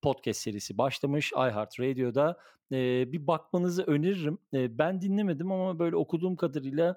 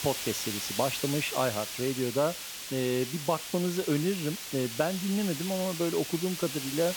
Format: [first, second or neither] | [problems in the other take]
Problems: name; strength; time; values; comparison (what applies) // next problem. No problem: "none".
first | hiss; loud; throughout; 5 dB below the speech